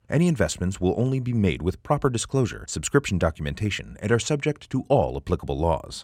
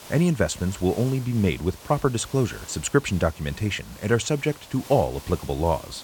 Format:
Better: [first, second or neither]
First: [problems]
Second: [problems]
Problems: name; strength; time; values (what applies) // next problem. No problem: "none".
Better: first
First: none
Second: hiss; noticeable; throughout; 20 dB below the speech